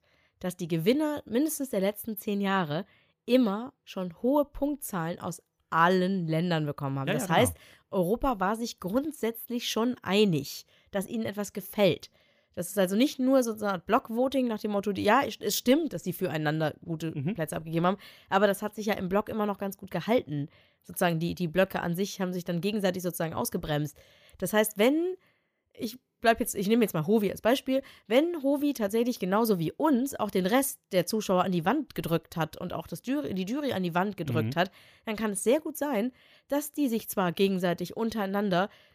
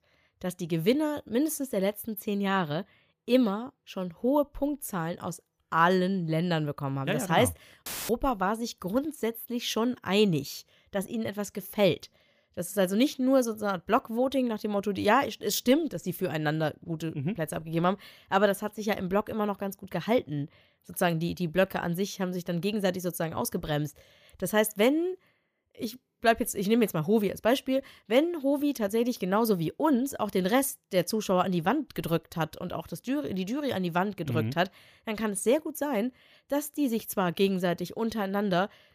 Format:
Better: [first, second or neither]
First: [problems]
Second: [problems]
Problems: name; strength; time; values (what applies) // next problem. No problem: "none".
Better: first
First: none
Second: audio cutting out; filled with static; at 8 s